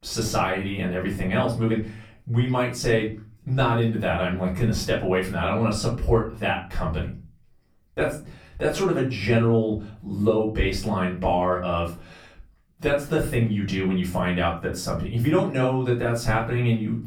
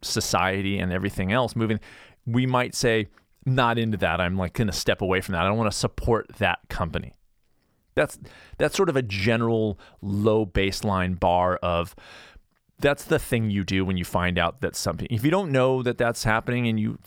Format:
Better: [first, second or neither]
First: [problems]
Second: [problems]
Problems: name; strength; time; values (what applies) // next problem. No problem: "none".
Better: second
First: off-mic speech; far // room echo; slight; dies away in 0.4 s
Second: none